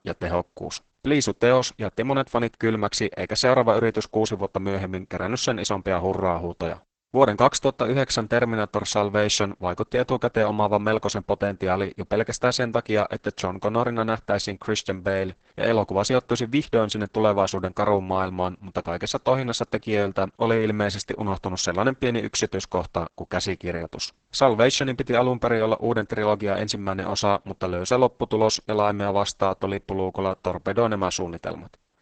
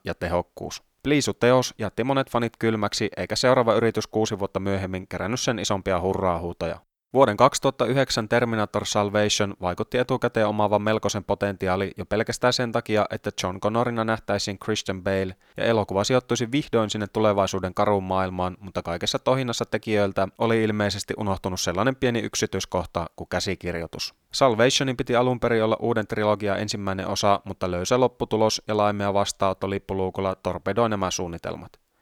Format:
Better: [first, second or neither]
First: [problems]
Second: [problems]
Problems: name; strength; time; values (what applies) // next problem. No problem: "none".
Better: second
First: garbled, watery; badly; nothing above 8 kHz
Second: none